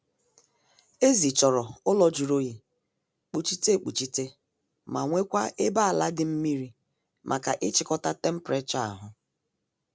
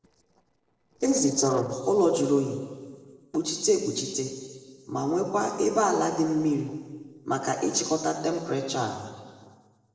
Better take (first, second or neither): first